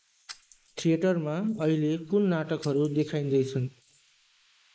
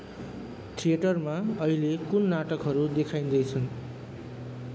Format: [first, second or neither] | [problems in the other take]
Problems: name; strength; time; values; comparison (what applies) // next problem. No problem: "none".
second | noise reduction (neural mask model Resemble Enhance denoiser)